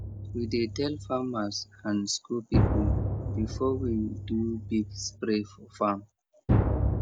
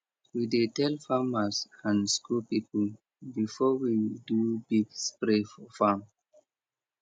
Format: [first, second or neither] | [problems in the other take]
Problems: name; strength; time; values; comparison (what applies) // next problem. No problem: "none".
second | background sound (Drum); 1 dB above the speech